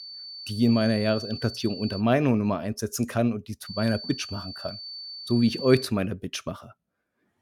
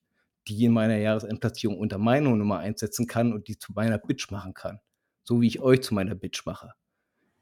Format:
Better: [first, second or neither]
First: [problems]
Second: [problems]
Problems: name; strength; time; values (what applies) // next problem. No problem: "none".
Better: second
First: high-pitched whine; noticeable; until 2 s and from 3.5 to 6 s; 4.5 kHz, 10 dB below the speech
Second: none